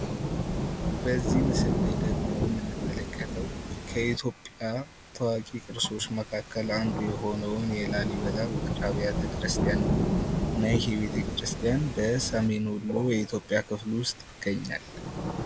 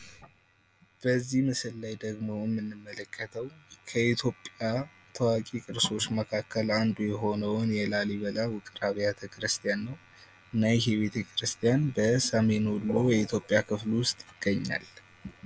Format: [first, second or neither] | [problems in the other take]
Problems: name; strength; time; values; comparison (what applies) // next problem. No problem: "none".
second | background sound (Rain / Thunderstorm); as loud as the speech